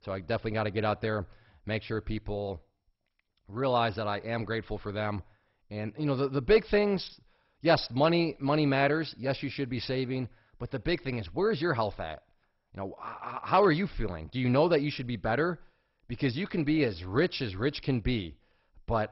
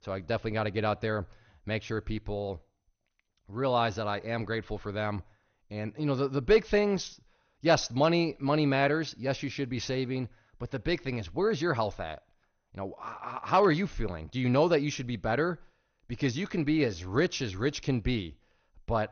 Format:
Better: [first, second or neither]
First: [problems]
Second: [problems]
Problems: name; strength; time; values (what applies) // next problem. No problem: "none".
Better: second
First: garbled, watery; badly; nothing above 5.5 kHz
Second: garbled, watery; slightly; nothing above 6.5 kHz